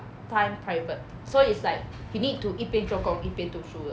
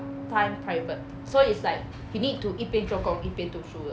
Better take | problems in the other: first | background sound (Bass guitar); 15 dB below the speech

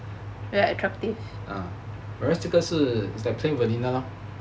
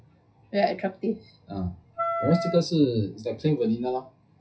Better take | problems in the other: first | noise reduction (classical method WPE with log-MMSE)

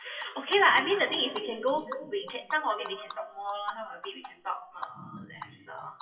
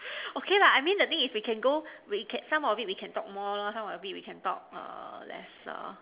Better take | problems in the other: second | noise reduction (classical method WPE with log-MMSE)

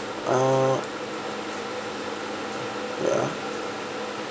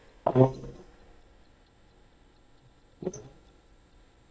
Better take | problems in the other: first | noise reduction (neural mask model DeepFilterNet 3)

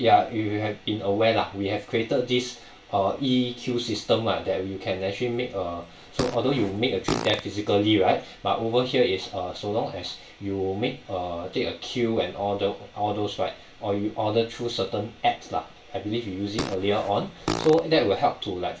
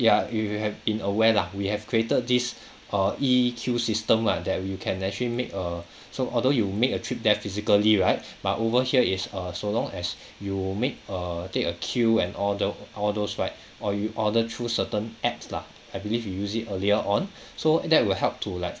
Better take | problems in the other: second | background sound (Fart); 8 dB below the speech // room echo; dies away in 0.3 s

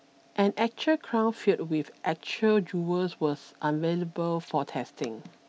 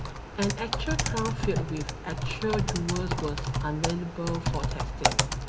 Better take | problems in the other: first | background sound (Typing); 3 dB above the speech // room echo; dies away in 2.4 s

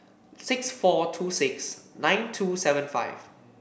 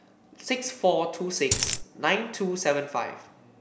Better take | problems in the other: first | background sound (Coin (dropping)); 2 dB above the speech

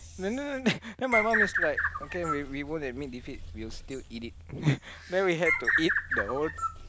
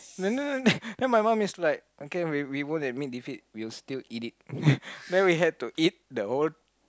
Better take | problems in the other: second | background sound (Bird); 1 dB below the speech

